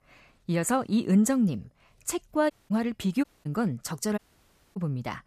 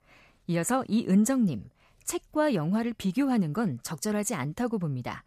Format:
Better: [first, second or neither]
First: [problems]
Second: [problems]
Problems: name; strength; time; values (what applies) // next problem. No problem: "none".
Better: second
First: audio cutting out; at 2.5 s, at 3 s and at 4 s for 0.5 s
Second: none